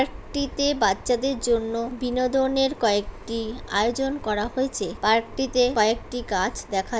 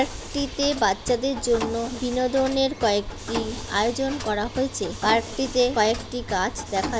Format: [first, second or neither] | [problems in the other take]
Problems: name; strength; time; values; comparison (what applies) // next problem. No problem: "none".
first | background sound (Mechanisms); 11 dB below the speech